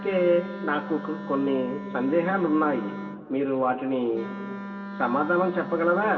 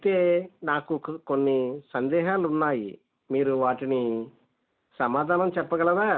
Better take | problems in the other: second | background sound (Wind instrument, woodwind instrument); 11 dB below the speech // room echo; dies away in 2.5 s

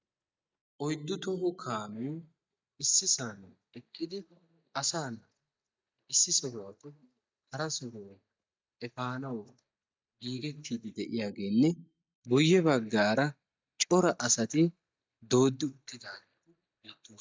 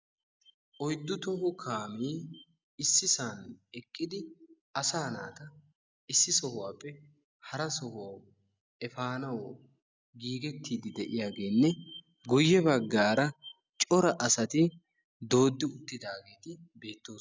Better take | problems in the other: second | noise reduction (neural mask model DeepFilterNet 3)

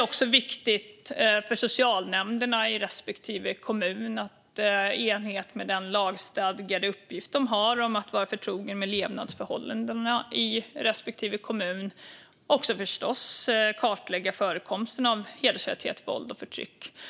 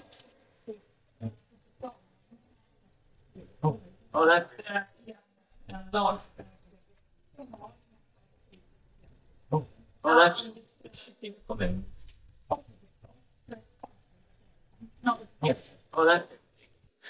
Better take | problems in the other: first | noise reduction (neural mask model DeepFilterNet 3)

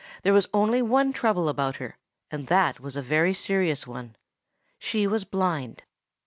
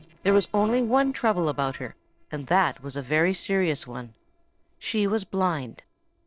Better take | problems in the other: first | noise reduction (neural separator model SepFormer DNS4)

